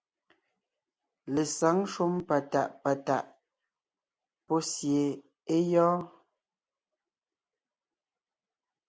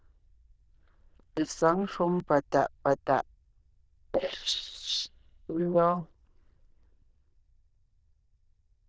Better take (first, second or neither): first